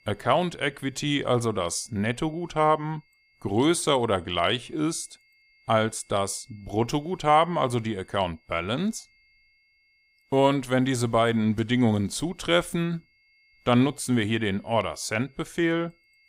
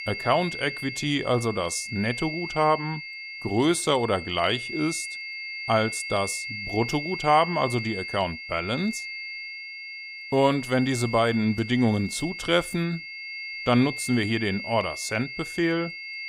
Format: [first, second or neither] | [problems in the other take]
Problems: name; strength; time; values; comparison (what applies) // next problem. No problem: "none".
first | high-pitched whine; loud; throughout; 2 kHz, 8 dB below the speech; faint in the first